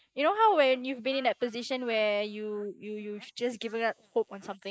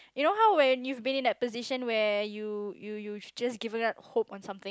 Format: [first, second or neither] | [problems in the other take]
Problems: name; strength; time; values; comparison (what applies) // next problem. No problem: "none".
second | noise reduction (neural mask model Resemble Enhance denoiser)